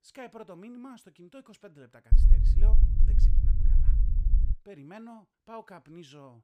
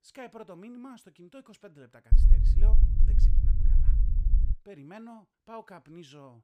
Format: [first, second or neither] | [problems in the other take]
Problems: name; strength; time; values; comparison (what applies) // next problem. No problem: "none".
neither | low rumble; loud; from 2 to 4.5 s; 1 dB below the speech; the same in both